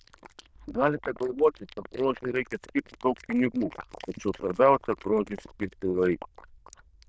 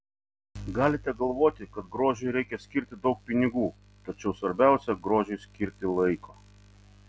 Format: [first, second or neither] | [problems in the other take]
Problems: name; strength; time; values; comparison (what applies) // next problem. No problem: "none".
second | noise reduction (neural diffusion model UNIVERSE++)